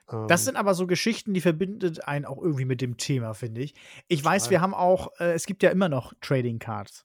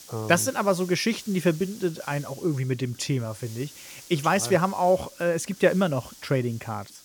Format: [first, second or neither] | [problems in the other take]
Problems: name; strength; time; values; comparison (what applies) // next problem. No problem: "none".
first | hiss; noticeable; throughout; 20 dB below the speech